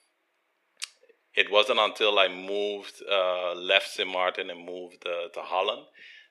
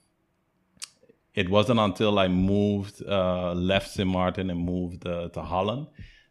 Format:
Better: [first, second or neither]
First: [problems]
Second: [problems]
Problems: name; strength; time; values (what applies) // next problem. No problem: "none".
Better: second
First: thin; very; fading below 400 Hz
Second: none